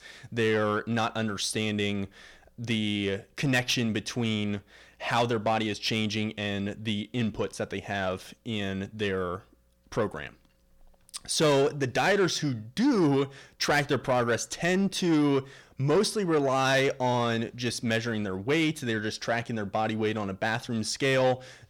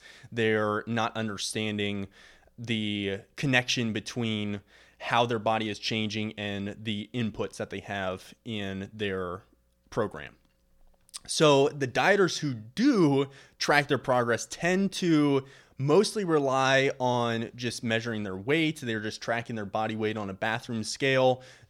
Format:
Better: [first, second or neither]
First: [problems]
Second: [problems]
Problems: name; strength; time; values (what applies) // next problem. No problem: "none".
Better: second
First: distortion; slight; 10 dB below the speech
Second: none